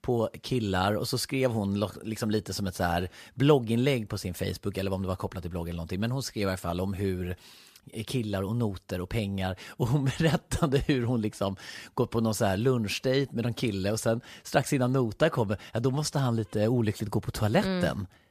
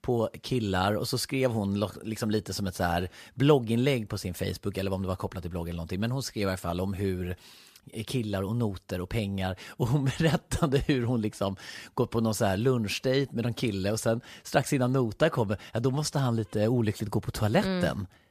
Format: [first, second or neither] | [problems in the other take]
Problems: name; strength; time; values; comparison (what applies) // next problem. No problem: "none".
neither | none